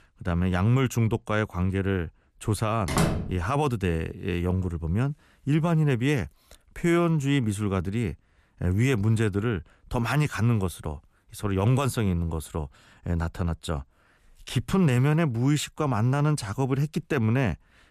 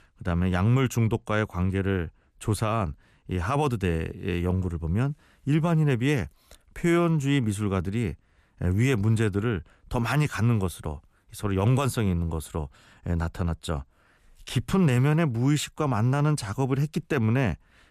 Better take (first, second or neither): second